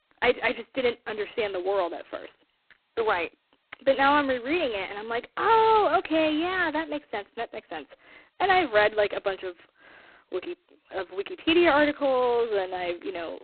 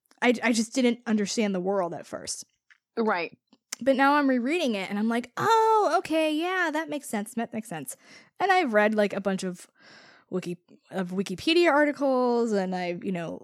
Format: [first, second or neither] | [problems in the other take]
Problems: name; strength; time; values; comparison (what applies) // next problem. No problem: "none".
second | phone-call audio; poor line; nothing above 4 kHz